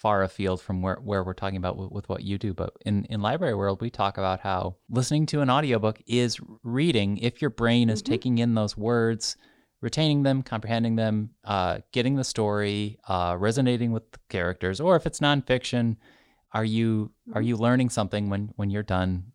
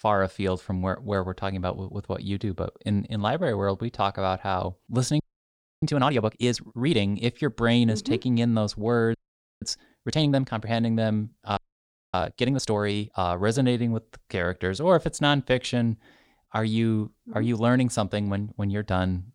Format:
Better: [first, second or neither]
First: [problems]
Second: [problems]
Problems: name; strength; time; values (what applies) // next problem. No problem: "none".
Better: first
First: none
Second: audio freezing; at 5 s for 0.5 s, at 9 s and at 12 s for 0.5 s